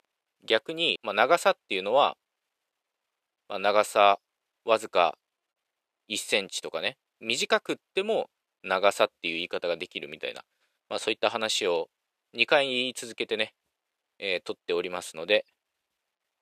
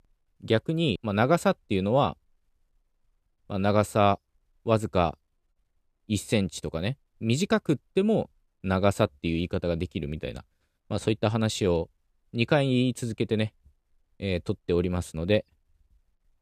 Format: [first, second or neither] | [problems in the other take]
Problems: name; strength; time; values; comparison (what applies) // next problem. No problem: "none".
second | thin; very; fading below 600 Hz